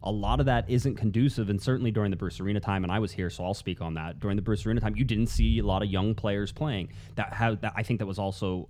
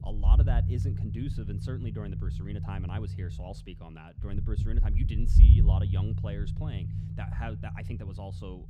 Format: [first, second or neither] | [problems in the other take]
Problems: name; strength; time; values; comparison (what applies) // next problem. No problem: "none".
first | low rumble; loud; throughout; 1 dB below the speech; faint in the first